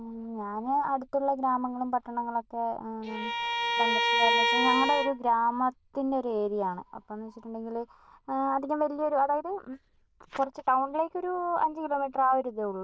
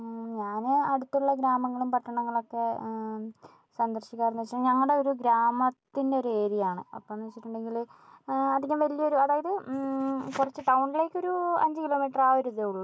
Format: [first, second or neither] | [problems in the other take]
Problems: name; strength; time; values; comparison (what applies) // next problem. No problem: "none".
second | noise reduction (neural diffusion model UNIVERSE++)